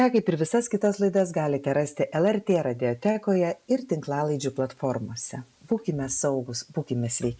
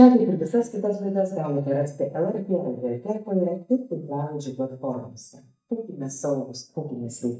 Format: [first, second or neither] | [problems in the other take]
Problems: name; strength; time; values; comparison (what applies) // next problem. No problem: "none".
first | noise reduction (neural mask model DeepFilterNet 3)